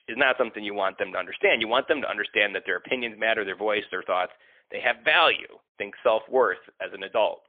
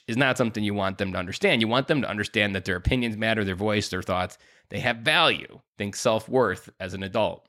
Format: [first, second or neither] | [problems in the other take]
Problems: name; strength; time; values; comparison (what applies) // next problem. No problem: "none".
second | phone-call audio; poor line; nothing above 3.5 kHz